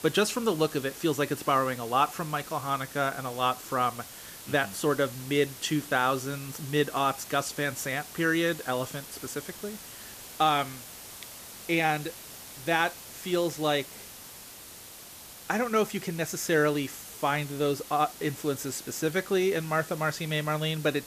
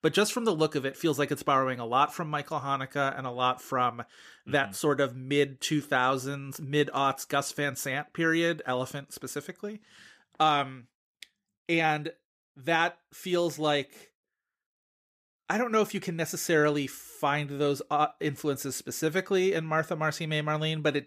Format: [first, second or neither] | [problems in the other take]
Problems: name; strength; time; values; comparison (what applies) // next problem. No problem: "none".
second | hiss; noticeable; throughout; 15 dB below the speech